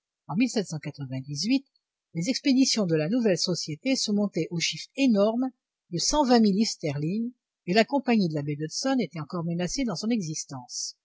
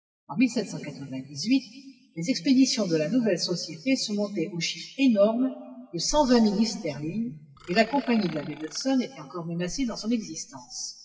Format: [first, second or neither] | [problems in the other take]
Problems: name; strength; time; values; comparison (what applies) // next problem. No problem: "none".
first | noise reduction (classical method WPE with log-MMSE)